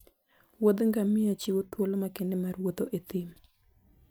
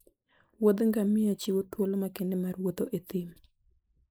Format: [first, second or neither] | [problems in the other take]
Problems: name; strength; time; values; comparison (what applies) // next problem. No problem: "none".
first | noise reduction (neural mask model Resemble Enhance denoiser)